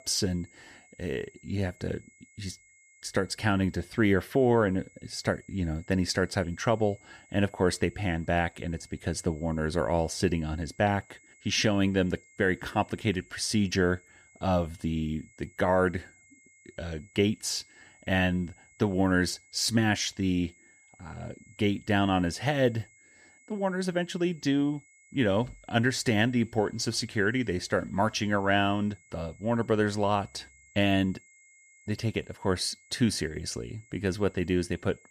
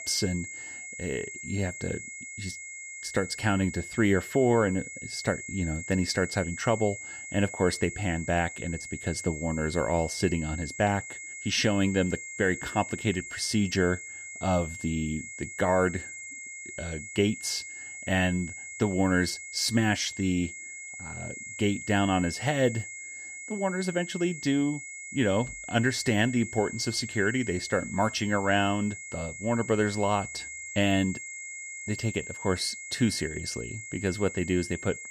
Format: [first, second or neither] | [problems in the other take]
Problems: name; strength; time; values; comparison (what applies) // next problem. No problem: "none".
first | high-pitched whine; loud; throughout; 2 kHz, 10 dB below the speech; faint in the first